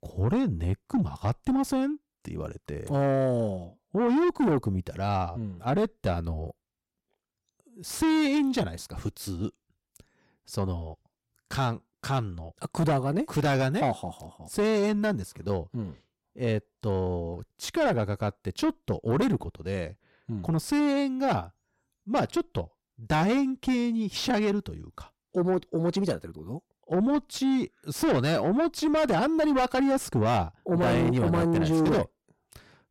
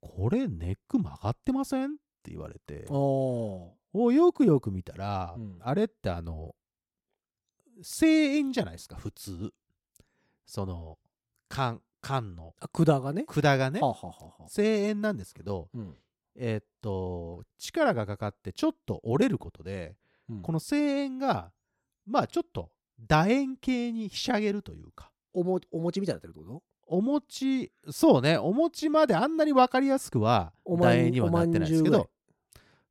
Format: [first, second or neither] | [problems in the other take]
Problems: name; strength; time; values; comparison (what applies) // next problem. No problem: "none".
second | distortion; heavy; 7 dB below the speech